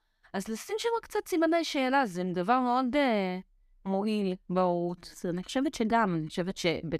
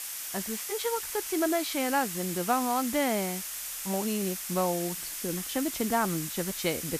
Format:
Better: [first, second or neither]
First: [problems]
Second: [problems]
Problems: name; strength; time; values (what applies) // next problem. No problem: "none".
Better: first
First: none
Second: hiss; loud; throughout; 3 dB below the speech